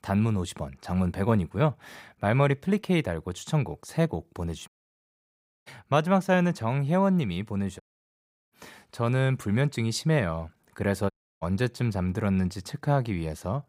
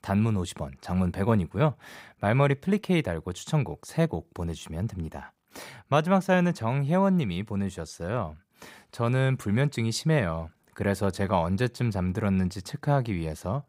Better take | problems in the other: second | audio cutting out; at 4.5 s for 1 s, at 8 s for 0.5 s and at 11 s

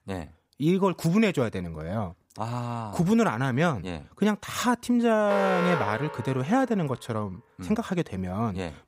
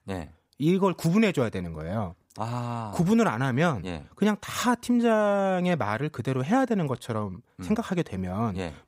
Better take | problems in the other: second | alarm; noticeable; from 5.5 to 6.5 s; peak 1 dB below the speech

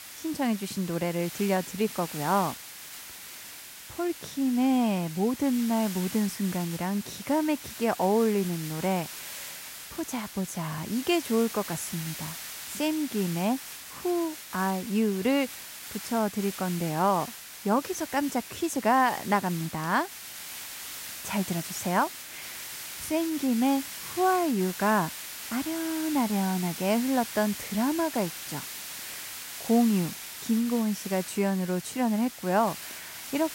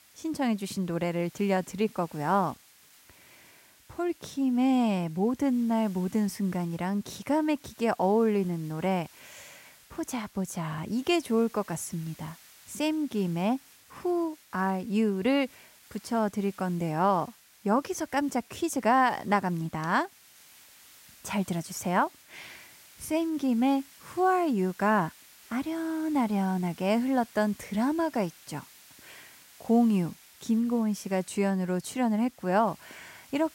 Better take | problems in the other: second | hiss; loud; throughout; 10 dB below the speech; faint in the second

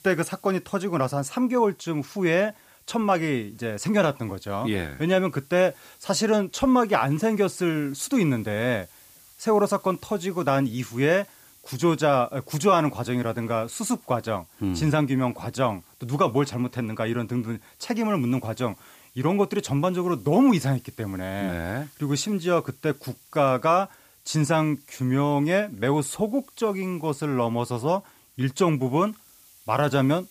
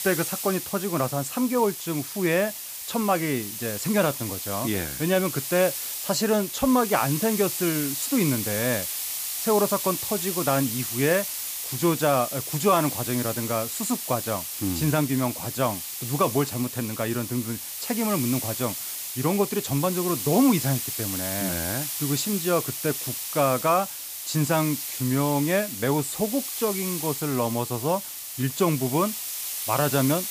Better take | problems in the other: first | hiss; loud; throughout; 4 dB below the speech; faint in the first

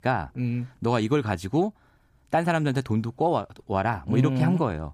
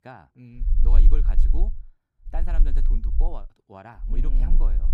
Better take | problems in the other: first | low rumble; loud; from 0.5 to 1.5 s, at 2.5 s and at 4 s; 6 dB below the speech

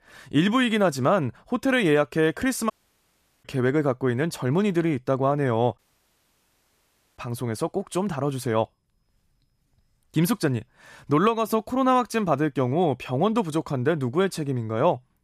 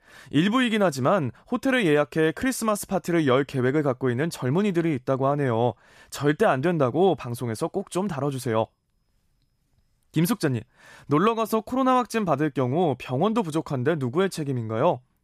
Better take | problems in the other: second | audio cutting out; at 2.5 s for 0.5 s and at 6 s for 1.5 s

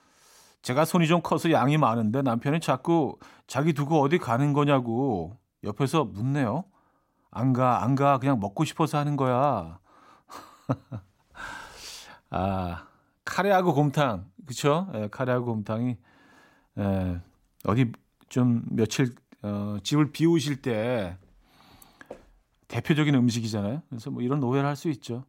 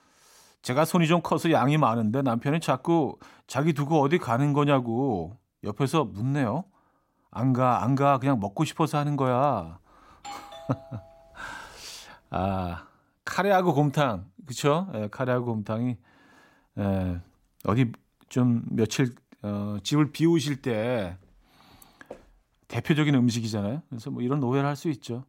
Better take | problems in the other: first | doorbell; faint; from 10 to 11 s; peak 15 dB below the speech

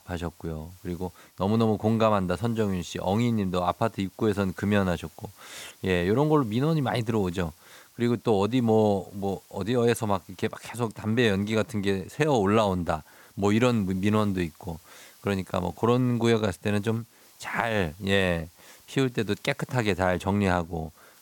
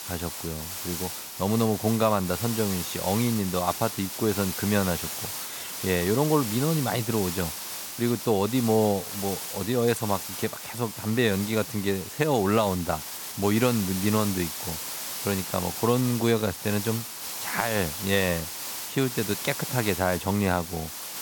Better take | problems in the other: first | hiss; loud; throughout; 6 dB below the speech; faint in the first

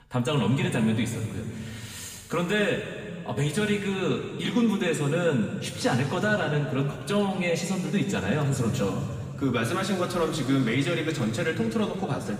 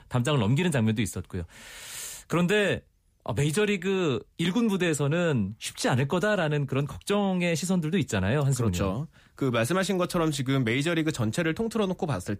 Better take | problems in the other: second | room echo; noticeable; dies away in 2.2 s // off-mic speech; somewhat distant

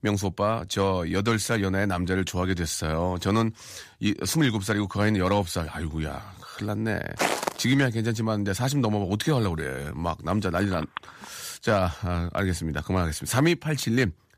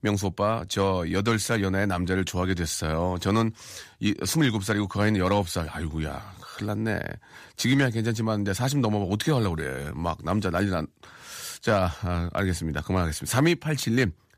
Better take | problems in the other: second | footsteps; loud; at 7 s; peak level with the speech // phone ringing; faint; at 11 s; peak 15 dB below the speech

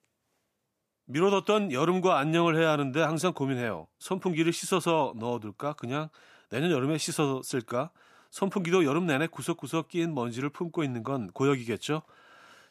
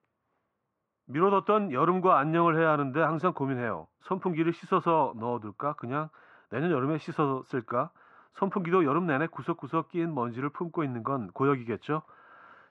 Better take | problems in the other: first | muffled; very; fading above 1.5 kHz

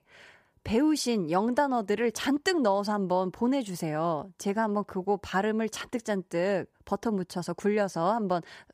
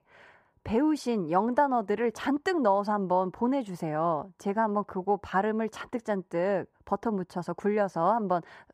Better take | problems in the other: first | muffled; slightly; fading above 2.5 kHz

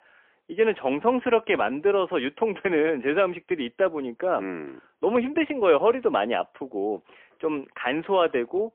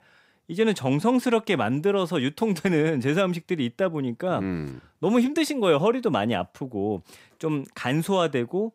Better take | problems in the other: second | phone-call audio; poor line; nothing above 3.5 kHz

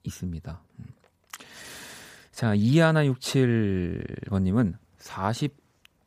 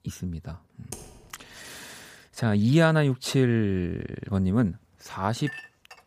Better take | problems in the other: first | keyboard typing; faint; at 1 s; peak 15 dB below the speech // clattering dishes; faint; at 5.5 s; peak 15 dB below the speech

